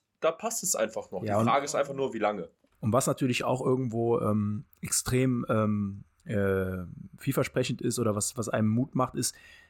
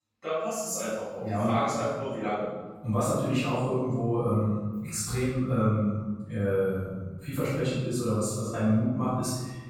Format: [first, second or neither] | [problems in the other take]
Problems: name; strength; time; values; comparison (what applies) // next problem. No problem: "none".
first | off-mic speech; far // room echo; strong; dies away in 1.2 s